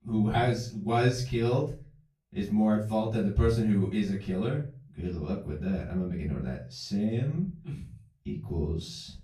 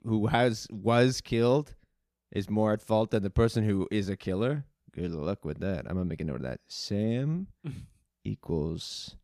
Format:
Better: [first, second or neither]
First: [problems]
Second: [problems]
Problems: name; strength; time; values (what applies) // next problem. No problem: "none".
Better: second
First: off-mic speech; far // room echo; slight; dies away in 0.3 s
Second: none